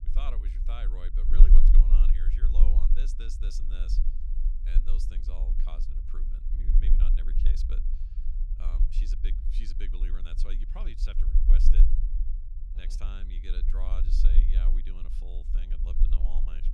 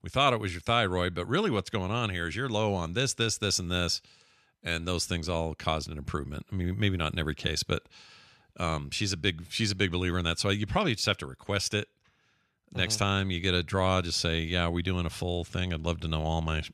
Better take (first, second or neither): second